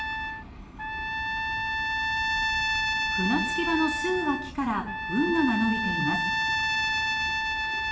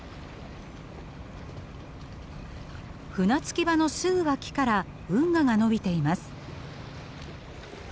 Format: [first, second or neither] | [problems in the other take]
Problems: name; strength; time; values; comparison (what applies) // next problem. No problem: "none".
second | background sound (Trumpet); 2 dB above the speech // room echo; dies away in 0.8 s